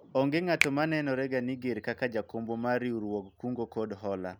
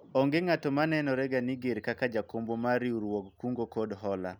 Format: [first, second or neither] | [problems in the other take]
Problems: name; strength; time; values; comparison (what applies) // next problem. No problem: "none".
second | background sound (Finger snapping); 7 dB below the speech